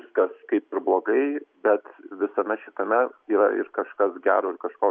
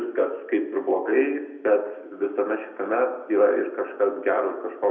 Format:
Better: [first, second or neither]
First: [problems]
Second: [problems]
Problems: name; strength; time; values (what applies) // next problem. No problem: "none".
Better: first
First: none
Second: room echo; dies away in 0.8 s